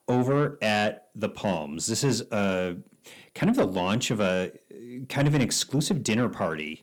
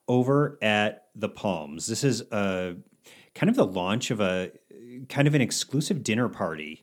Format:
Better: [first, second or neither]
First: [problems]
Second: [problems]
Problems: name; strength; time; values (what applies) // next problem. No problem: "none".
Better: second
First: distortion; slight; 10 dB below the speech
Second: none